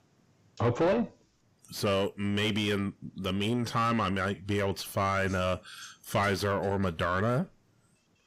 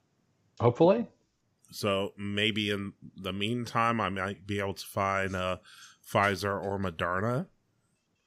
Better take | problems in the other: second | distortion; heavy; 6 dB below the speech

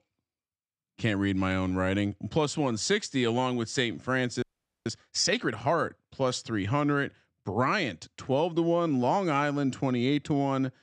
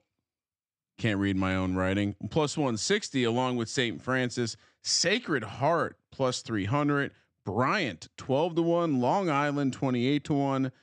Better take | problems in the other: second | audio freezing; at 4.5 s

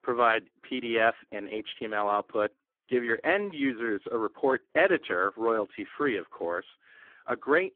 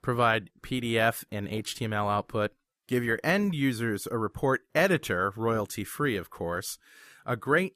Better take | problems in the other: second | phone-call audio; poor line

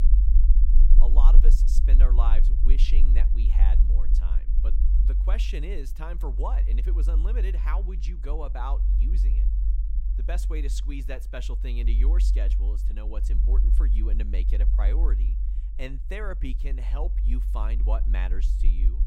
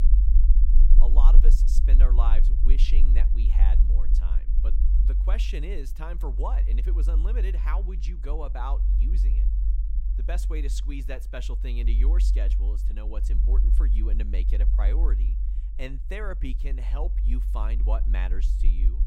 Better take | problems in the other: neither | low rumble; loud; throughout; 8 dB below the speech; the same in both

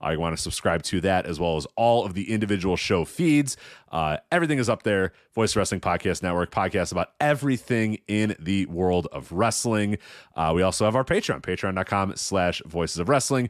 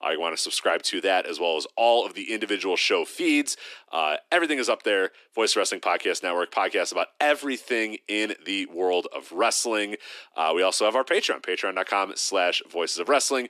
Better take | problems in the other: first | thin; somewhat; fading below 300 Hz

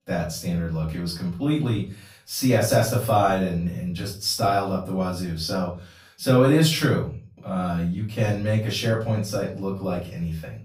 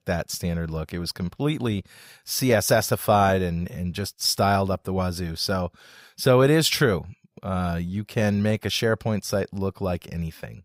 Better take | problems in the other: second | off-mic speech; far // room echo; slight; dies away in 0.3 s

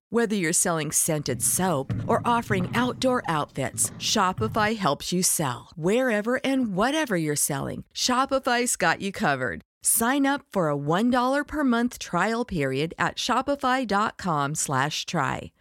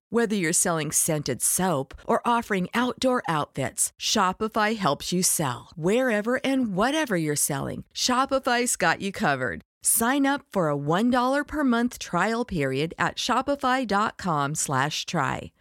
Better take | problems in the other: second | footsteps; noticeable; from 1.5 to 4.5 s; peak 7 dB below the speech

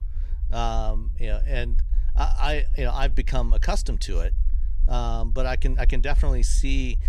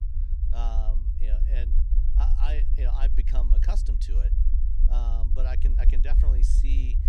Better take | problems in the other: first | low rumble; loud; throughout; 5 dB below the speech; faint in the first

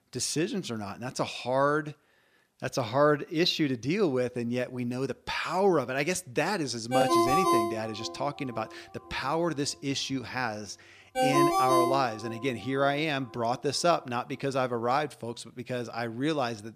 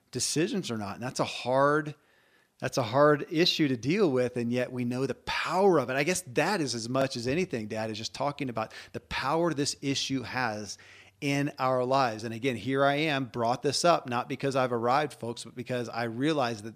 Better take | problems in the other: second | phone ringing; loud; from 7 to 12 s; peak 6 dB above the speech

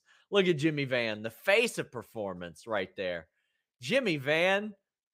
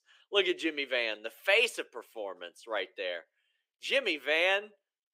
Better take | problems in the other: first | thin; somewhat; fading below 300 Hz

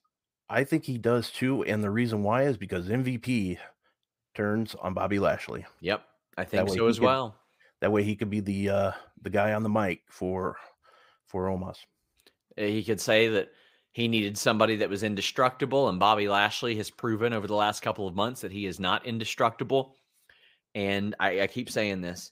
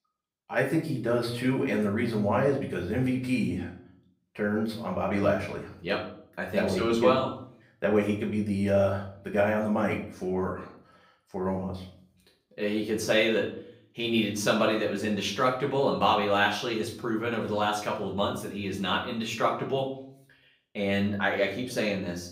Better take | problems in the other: first | room echo; slight; dies away in 0.5 s // off-mic speech; far

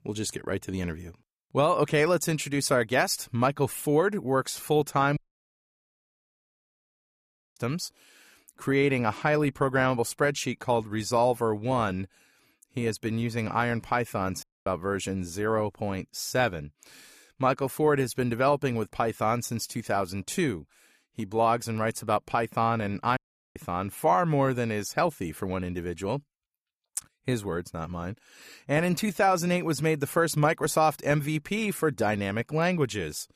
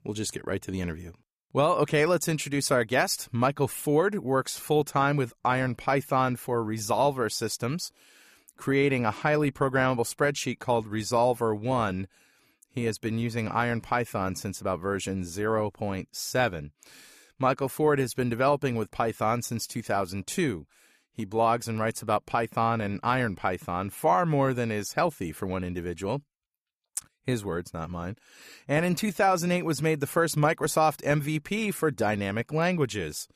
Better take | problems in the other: second | audio cutting out; at 5 s for 2.5 s, at 14 s and at 23 s

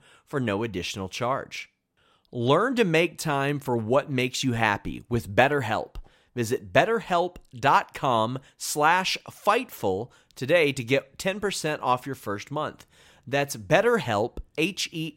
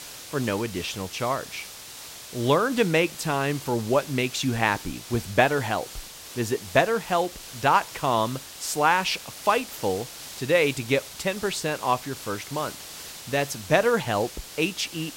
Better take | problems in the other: first | hiss; noticeable; throughout; 15 dB below the speech

